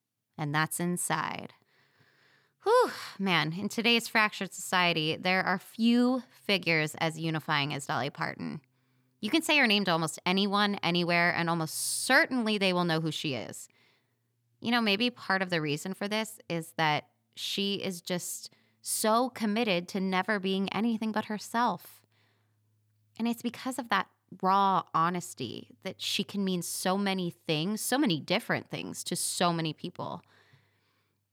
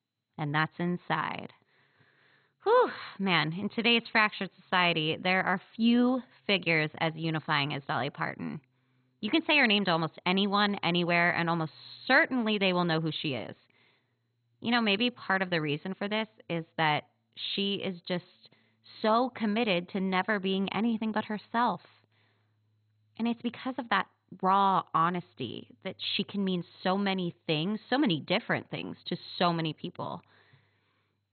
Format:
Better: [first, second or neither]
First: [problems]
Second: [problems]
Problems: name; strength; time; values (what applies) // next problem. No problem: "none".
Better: first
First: none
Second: garbled, watery; badly; nothing above 4 kHz